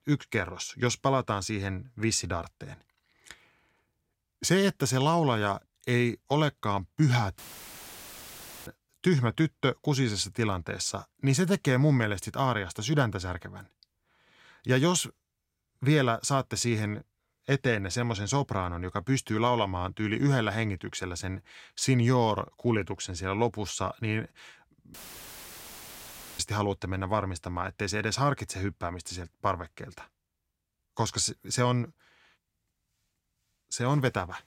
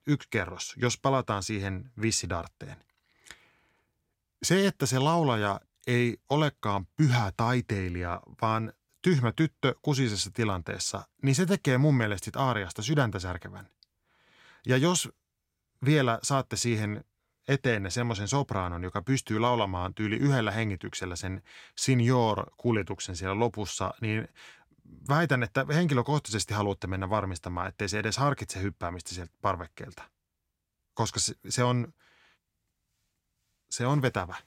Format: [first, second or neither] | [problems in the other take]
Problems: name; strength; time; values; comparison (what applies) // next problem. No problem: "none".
second | audio cutting out; filled with static; at 7.5 s for 1.5 s and at 25 s for 1.5 s